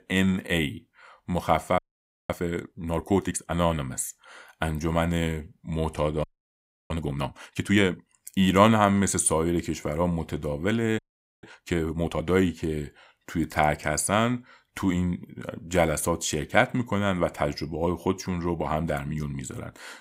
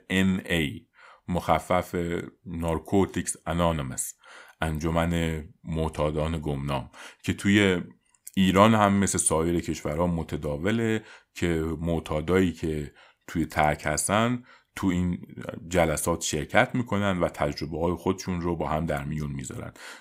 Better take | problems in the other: second | audio freezing; at 2 s for 0.5 s, at 6 s for 0.5 s and at 11 s

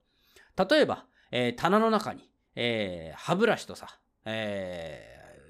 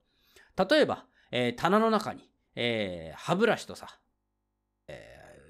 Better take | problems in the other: first | audio freezing; at 4 s for 0.5 s

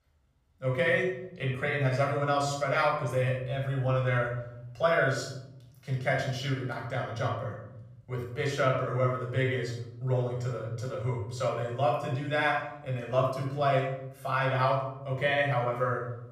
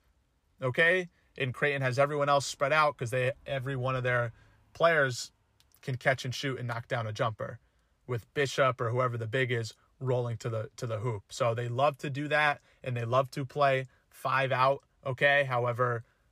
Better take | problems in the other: second | off-mic speech; somewhat distant // room echo; noticeable; dies away in 0.8 s

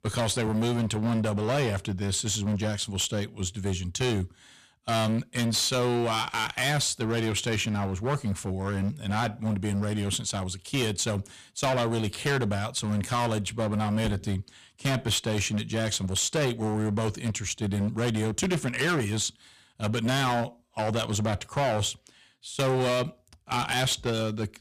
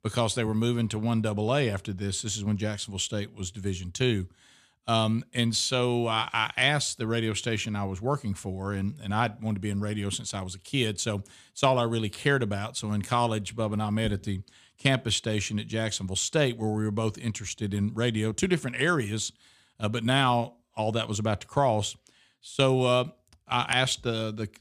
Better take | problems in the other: second | distortion; heavy; 15% of the sound clipped

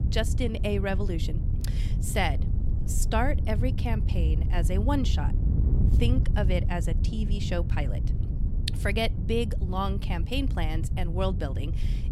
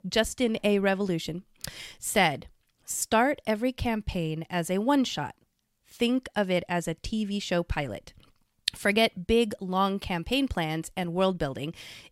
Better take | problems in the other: second | wind noise on the microphone; occasional gusts; 10 dB below the speech

